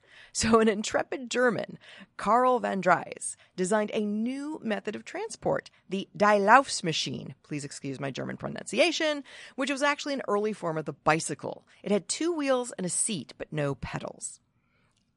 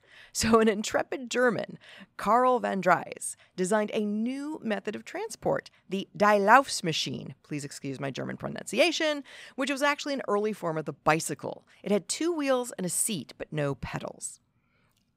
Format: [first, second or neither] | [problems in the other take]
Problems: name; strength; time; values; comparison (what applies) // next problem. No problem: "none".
second | garbled, watery; slightly; nothing above 10 kHz